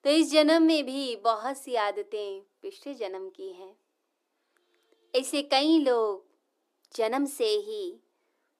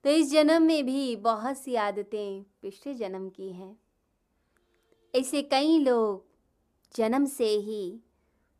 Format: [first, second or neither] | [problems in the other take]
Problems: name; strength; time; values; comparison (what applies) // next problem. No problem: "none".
second | thin; very slightly; fading below 300 Hz